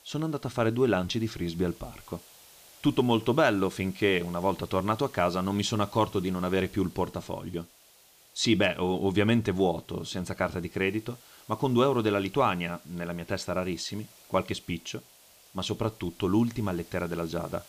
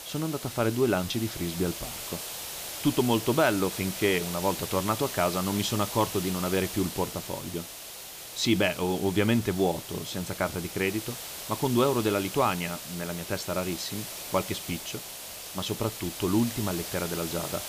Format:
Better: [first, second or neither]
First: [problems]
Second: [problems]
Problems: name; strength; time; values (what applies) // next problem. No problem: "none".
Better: first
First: hiss; faint; throughout; 25 dB below the speech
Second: hiss; loud; throughout; 7 dB below the speech